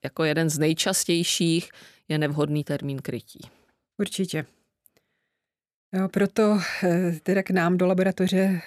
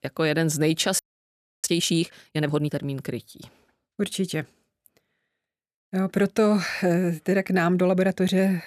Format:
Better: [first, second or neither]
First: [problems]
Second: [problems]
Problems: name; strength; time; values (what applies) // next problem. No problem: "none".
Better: first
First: none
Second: audio freezing; at 1 s for 0.5 s